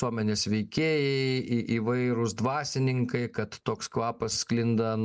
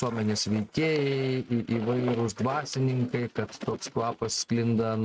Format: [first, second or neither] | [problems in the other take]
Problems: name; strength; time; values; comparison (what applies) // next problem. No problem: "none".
first | noise reduction (neural mask model RNNoise)